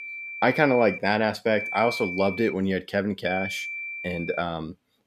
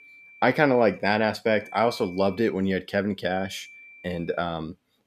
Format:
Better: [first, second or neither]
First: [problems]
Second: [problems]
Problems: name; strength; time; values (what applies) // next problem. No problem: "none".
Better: second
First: high-pitched whine; loud; at the start, at 1.5 s and from 3.5 to 4.5 s; 2.5 kHz, 8 dB below the speech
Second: high-pitched whine; faint; at the start, at 1.5 s and from 3.5 to 4.5 s; 2.5 kHz, 20 dB below the speech